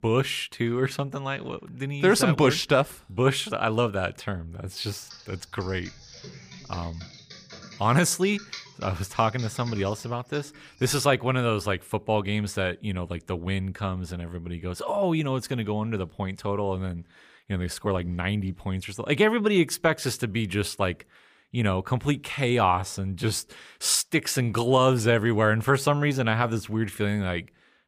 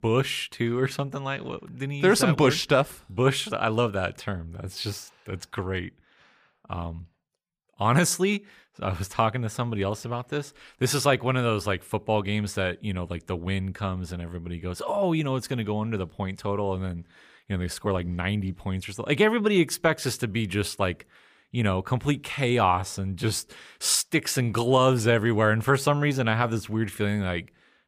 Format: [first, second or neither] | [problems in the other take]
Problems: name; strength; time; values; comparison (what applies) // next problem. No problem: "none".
second | keyboard typing; faint; from 5 to 11 s; peak 15 dB below the speech